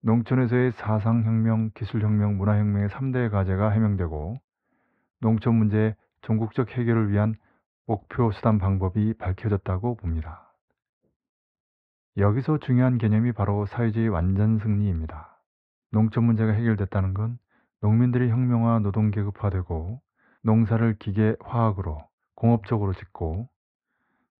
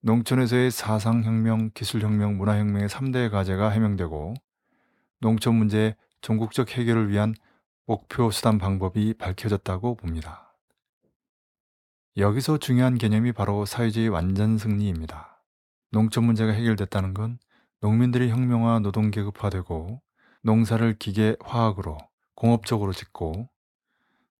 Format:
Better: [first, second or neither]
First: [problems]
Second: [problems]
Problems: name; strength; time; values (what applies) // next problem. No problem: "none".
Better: second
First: muffled; very; fading above 2 kHz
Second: none